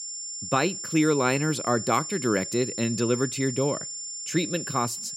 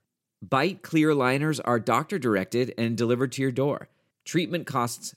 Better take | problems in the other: second | high-pitched whine; loud; throughout; 7 kHz, 6 dB below the speech

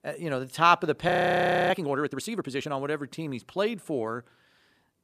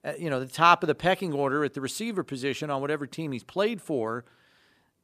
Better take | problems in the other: second | audio freezing; at 1 s for 0.5 s

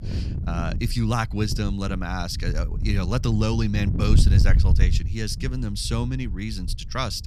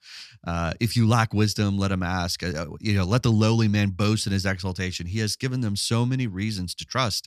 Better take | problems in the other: second | wind noise on the microphone; heavy; 10 dB below the speech

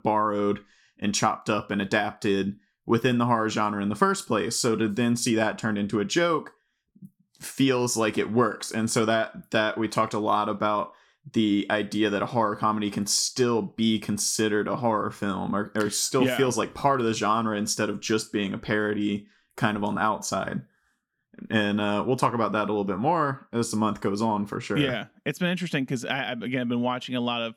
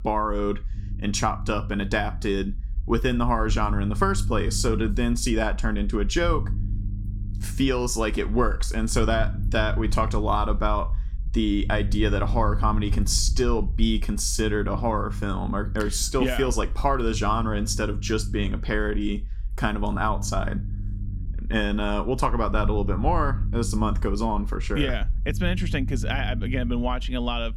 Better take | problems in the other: first | low rumble; noticeable; throughout; 20 dB below the speech

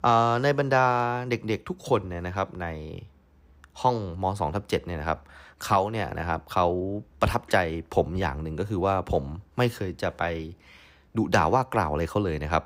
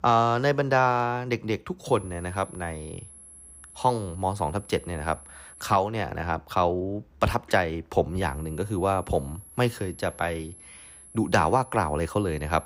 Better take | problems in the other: first | high-pitched whine; noticeable; from 2 to 5.5 s and from 8 s on; 11 kHz, 20 dB below the speech

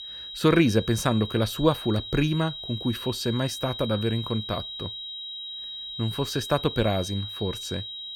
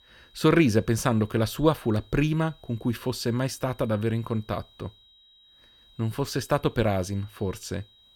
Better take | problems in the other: second | high-pitched whine; loud; throughout; 4 kHz, 8 dB below the speech; faint in the second

